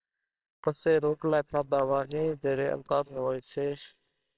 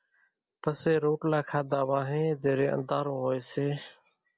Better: second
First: noise reduction (neural separator model SepFormer WHAMR!)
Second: none

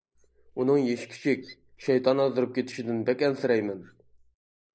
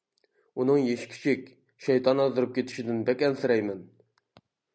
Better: second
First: noise reduction (neural mask model Resemble Enhance denoiser)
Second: none

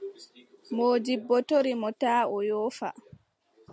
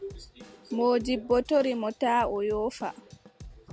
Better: first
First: none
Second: background sound (Drum / Drum kit); 20 dB below the speech

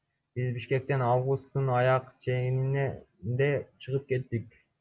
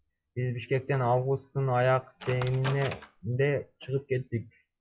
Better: first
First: none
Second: noise reduction (classical method log-MMSE)

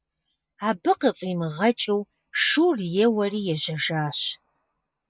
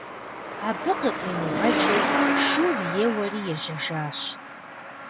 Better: first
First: none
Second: background sound (Truck); 1 dB above the speech

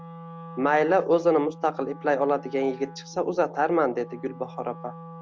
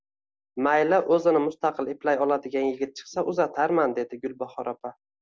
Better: second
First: background sound (Wind instrument, woodwind instrument); 17 dB below the speech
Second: none

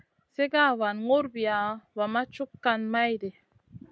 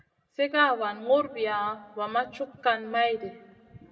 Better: first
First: none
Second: room echo; dies away in 1 s

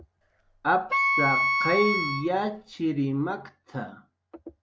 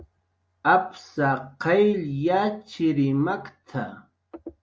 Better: second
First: background sound (Wind instrument, woodwind instrument); 2 dB above the speech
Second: none

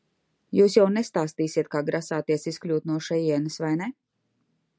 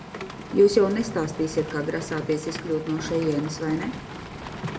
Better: first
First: none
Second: background sound (Rain); 10 dB below the speech // room echo; dies away in 1.2 s

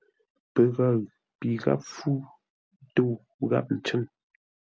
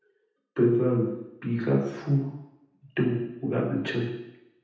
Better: first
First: none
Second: room echo; dies away in 0.9 s

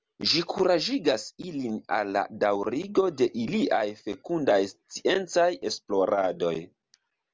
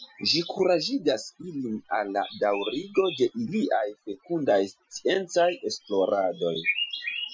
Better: first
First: none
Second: noise reduction (classical method Wiener filter)

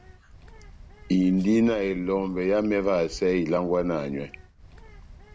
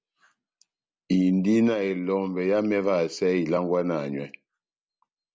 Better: second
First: background sound (Bird); 20 dB below the speech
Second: none

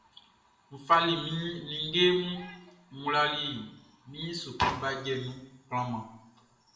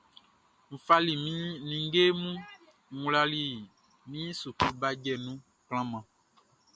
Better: second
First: room echo; dies away in 0.7 s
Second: none

